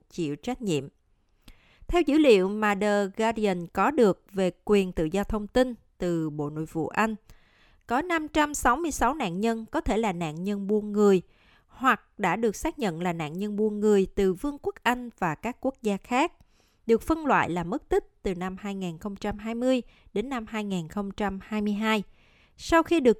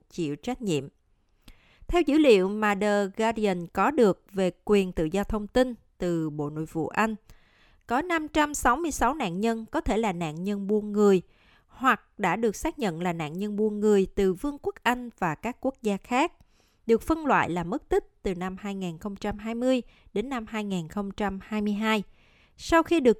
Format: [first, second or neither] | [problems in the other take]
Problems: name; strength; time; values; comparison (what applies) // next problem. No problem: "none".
neither | none